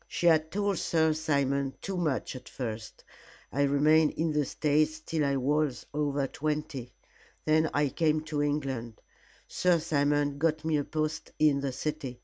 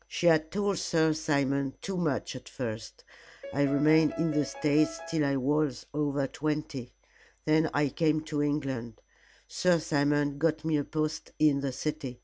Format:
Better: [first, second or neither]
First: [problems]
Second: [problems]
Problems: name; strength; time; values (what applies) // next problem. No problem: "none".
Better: first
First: none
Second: background sound (Piano); 13 dB below the speech